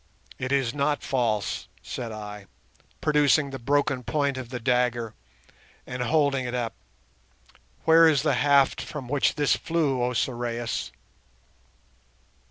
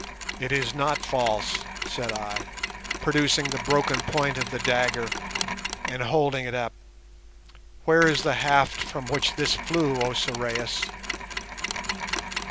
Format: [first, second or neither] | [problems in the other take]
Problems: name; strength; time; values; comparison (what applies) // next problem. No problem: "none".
first | background sound (Mechanisms); 6 dB below the speech